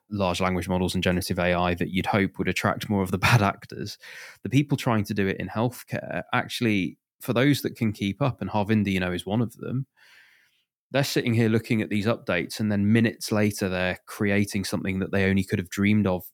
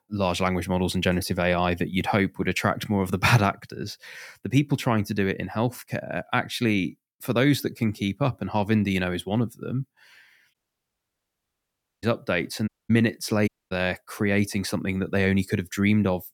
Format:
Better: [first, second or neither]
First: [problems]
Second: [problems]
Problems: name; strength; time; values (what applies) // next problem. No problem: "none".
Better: first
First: none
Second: audio cutting out; at 11 s for 1.5 s and at 13 s